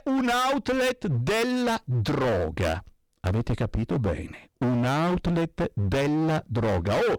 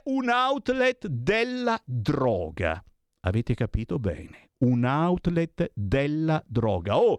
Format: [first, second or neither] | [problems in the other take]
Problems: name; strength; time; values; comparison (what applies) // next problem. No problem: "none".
second | distortion; heavy; 30% of the sound clipped